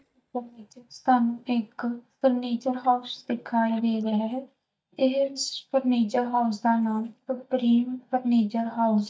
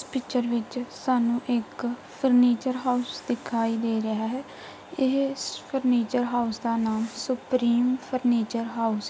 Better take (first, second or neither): second